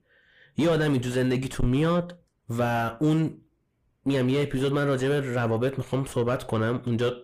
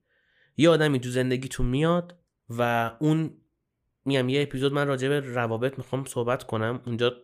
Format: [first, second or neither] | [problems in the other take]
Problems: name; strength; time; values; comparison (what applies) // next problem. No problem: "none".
second | distortion; heavy; 6 dB below the speech